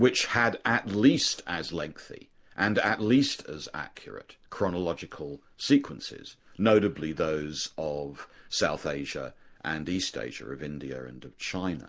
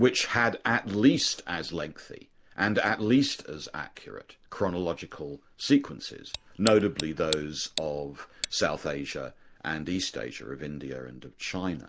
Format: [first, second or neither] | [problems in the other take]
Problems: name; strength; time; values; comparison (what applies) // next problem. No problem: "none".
first | background sound (Tick); 10 dB below the speech